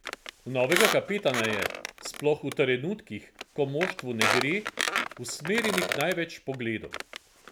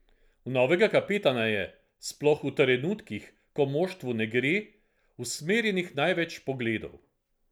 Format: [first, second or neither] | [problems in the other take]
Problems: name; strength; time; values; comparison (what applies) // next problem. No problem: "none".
second | background sound (Squeak); 3 dB below the speech